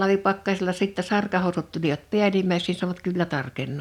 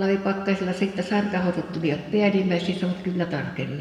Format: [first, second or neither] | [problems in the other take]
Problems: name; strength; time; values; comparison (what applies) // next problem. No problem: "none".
first | room echo; dies away in 1.9 s